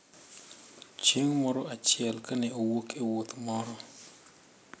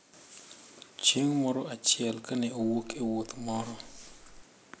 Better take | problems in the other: first | background sound (Gong); 15 dB below the speech

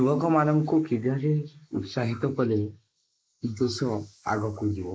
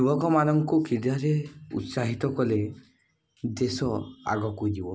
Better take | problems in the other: second | noise reduction (neural mask model Resemble Enhance denoiser)

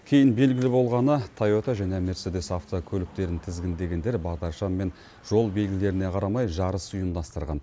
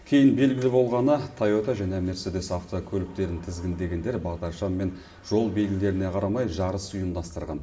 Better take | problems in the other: first | room echo; dies away in 0.8 s

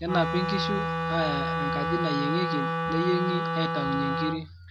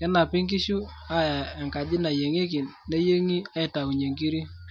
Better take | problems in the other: second | background sound (Wind instrument, woodwind instrument); 1 dB above the speech

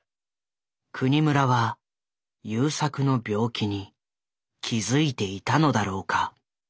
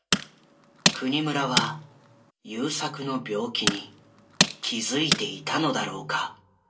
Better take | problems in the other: first | background sound (Tools); 1 dB above the speech // room echo; dies away in 0.2 s

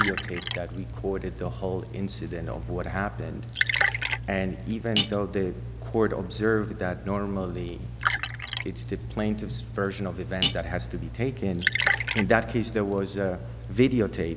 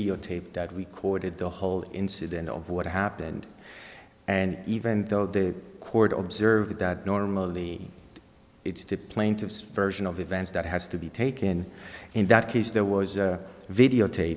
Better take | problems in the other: second | background sound (Liquid + Cutlery, silverware); 3 dB below the speech

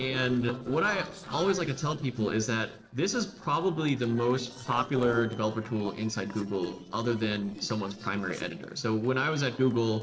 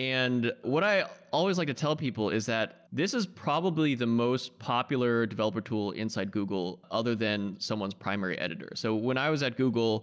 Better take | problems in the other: second | noise reduction (neural separator model SepFormer DNS4)

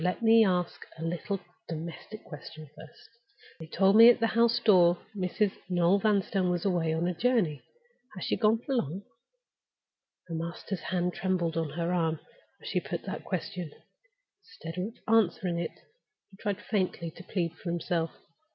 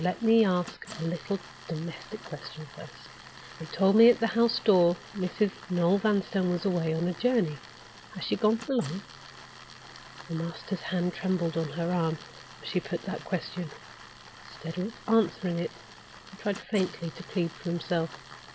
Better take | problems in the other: first | background sound (Tools); 18 dB below the speech

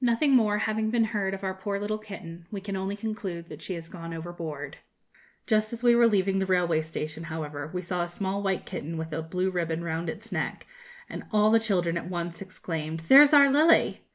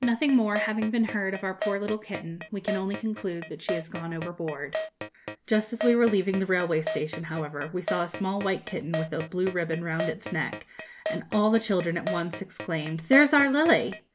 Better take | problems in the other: first | background sound (Keyboard (musical)); 10 dB below the speech

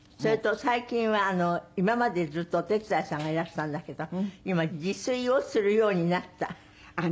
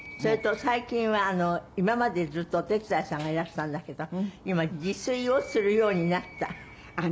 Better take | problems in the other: first | background sound (Animal); 20 dB below the speech

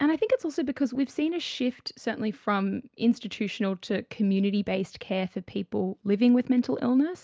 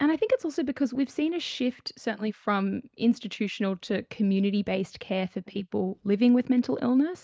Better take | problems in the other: first | noise reduction (neural mask model Resemble Enhance denoiser)

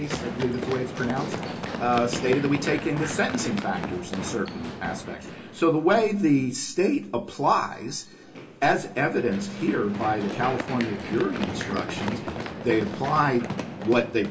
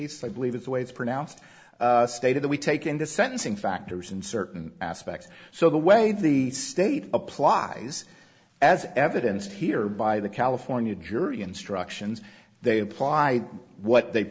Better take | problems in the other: second | background sound (Run); 8 dB below the speech // room echo; dies away in 0.2 s

